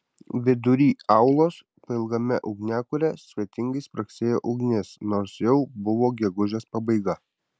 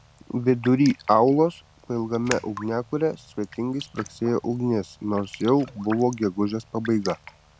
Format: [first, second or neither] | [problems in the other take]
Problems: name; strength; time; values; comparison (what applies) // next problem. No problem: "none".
first | background sound (Raindrop); 18 dB below the speech